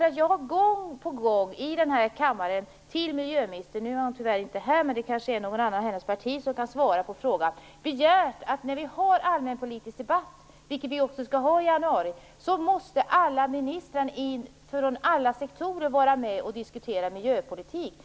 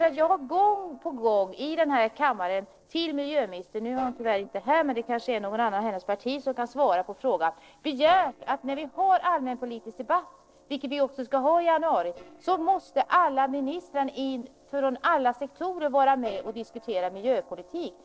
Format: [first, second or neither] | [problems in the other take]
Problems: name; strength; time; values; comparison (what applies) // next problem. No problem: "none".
first | noise reduction (neural separator model SepFormer DNS4)